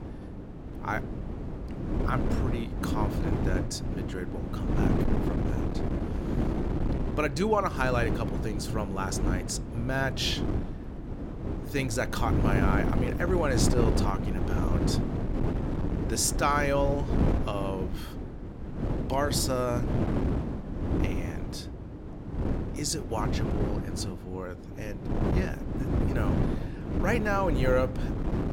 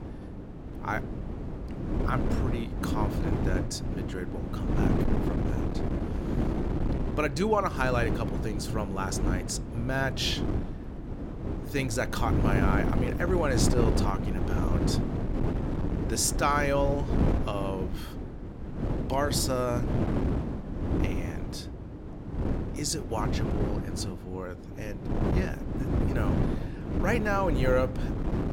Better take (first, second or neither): neither